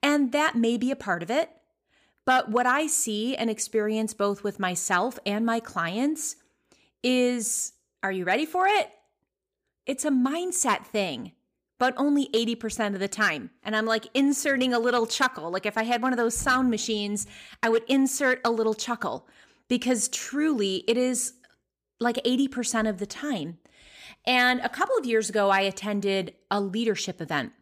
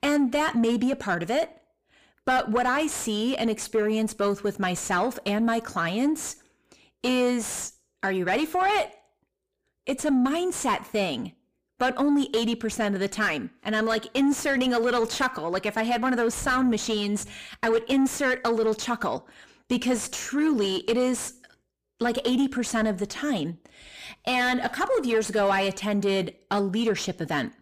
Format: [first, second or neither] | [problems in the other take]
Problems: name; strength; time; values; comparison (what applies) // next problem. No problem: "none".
first | distortion; slight; 10 dB below the speech